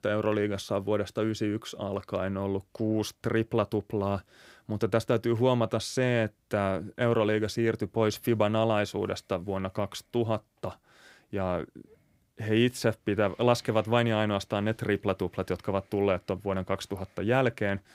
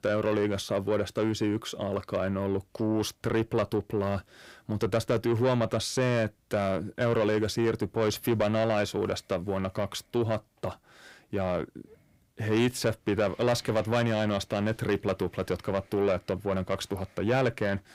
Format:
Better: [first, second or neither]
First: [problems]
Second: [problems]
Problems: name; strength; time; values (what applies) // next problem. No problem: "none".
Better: first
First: none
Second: distortion; slight; 10 dB below the speech